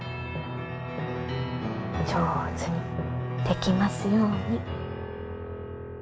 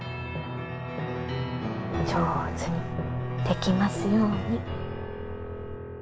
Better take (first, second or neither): first